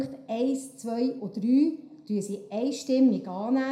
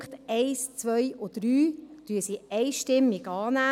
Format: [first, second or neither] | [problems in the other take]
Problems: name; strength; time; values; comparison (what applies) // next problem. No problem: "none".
second | room echo; dies away in 0.5 s